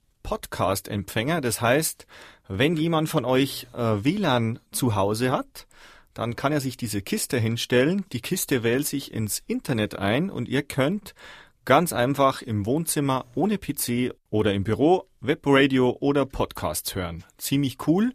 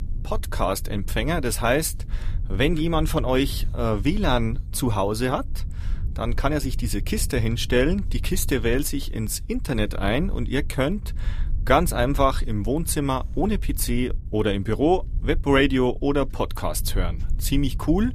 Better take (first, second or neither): first